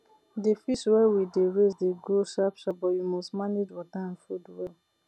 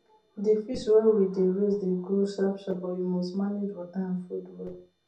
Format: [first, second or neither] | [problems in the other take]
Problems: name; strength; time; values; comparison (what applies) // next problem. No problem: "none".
first | room echo; dies away in 0.4 s